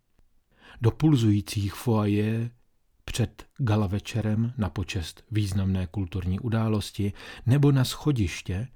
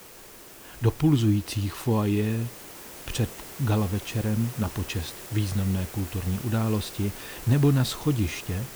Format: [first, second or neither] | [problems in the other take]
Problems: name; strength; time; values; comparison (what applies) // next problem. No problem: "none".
first | hiss; noticeable; throughout; 15 dB below the speech